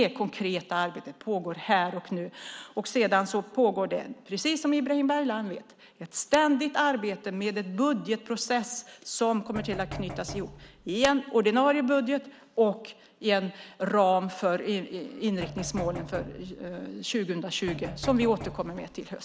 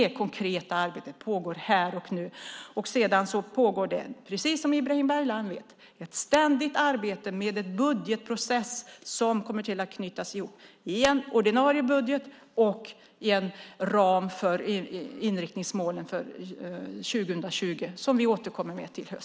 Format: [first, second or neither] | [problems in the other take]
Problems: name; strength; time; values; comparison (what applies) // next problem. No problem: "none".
second | background sound (Knock); 12 dB below the speech